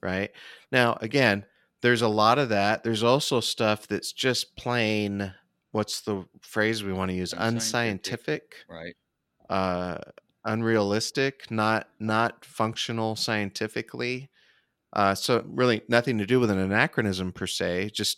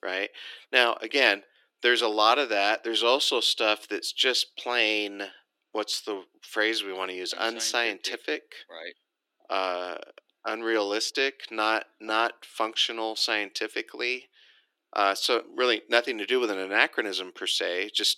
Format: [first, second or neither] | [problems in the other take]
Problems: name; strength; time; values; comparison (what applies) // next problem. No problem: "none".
first | thin; very; fading below 300 Hz